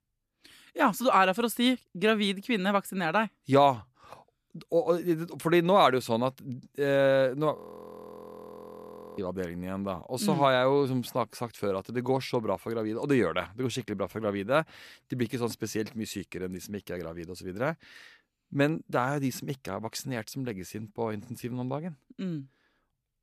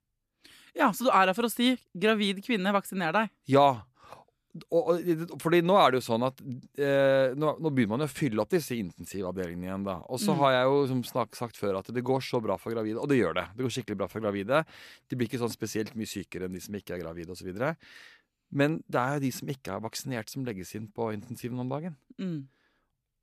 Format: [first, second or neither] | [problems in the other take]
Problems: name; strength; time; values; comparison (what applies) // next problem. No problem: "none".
second | audio freezing; at 7.5 s for 1.5 s